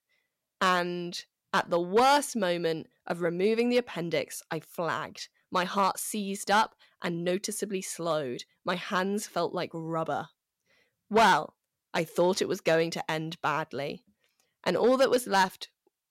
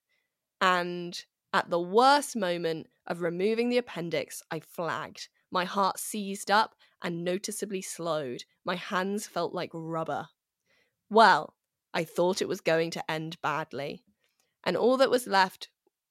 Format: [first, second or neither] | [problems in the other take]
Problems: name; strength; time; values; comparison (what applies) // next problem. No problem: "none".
second | distortion; slight; 1.5% of the sound clipped